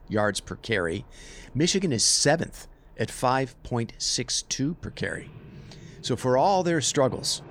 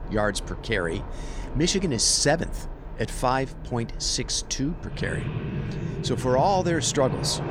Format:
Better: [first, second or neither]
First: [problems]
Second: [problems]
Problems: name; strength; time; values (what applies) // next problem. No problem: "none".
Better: first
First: train or aircraft noise; faint; throughout; 25 dB below the speech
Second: train or aircraft noise; loud; throughout; 9 dB below the speech